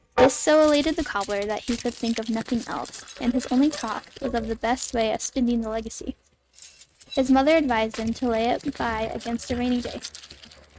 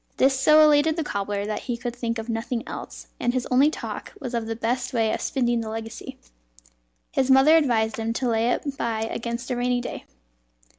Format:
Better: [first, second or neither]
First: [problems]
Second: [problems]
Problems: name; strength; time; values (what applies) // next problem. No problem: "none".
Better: second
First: noise reduction (neural mask model RNNoise)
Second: none